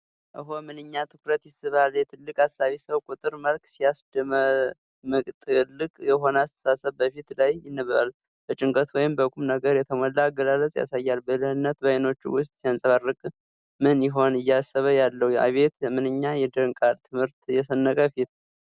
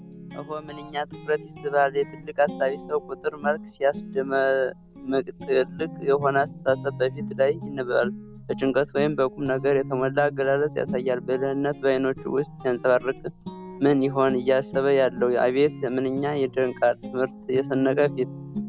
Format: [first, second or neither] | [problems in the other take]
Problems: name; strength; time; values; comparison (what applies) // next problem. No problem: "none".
first | background sound (Guitar); 13 dB below the speech